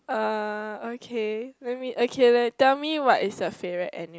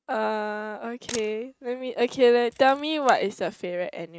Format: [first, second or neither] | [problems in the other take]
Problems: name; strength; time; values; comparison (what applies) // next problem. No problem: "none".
first | noise reduction (neural mask model RNNoise)